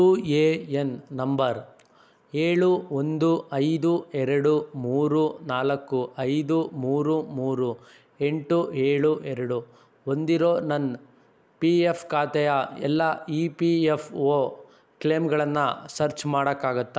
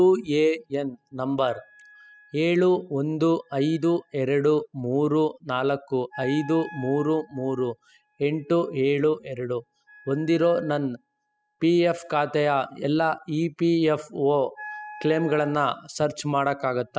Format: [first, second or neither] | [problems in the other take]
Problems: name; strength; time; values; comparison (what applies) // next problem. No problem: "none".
first | noise reduction (classical method spectral subtraction)